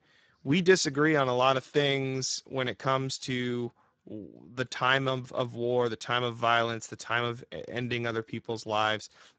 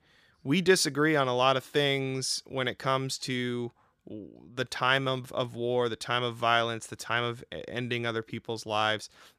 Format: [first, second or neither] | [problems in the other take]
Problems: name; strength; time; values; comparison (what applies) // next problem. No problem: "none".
second | garbled, watery; badly; nothing above 7.5 kHz